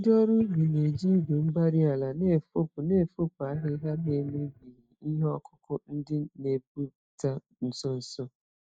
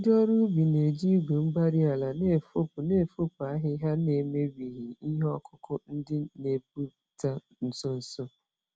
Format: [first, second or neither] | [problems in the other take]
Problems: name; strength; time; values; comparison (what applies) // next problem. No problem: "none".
second | noise reduction (neural mask model DeepFilterNet 3)